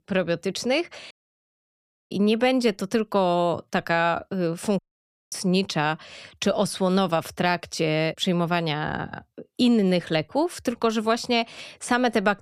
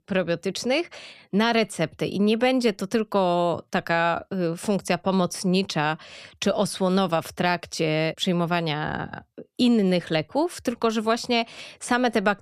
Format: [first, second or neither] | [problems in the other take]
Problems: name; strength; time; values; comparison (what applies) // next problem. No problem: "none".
second | audio cutting out; at 1 s for 1 s and at 5 s for 0.5 s